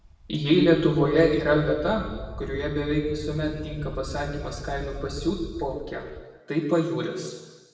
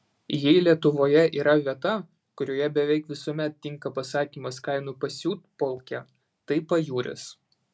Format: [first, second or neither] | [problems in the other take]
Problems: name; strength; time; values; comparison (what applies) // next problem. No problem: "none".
second | background sound (Wind); 13 dB below the speech // room echo; dies away in 1.3 s